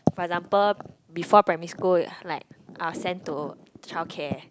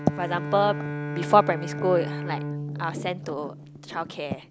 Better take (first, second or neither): first